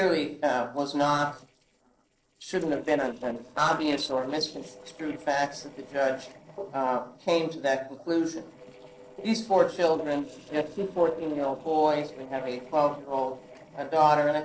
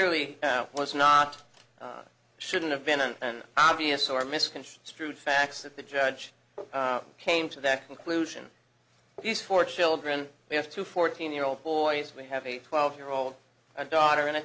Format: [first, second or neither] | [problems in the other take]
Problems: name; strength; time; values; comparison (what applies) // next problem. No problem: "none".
second | noise reduction (neural separator model SepFormer DNS4)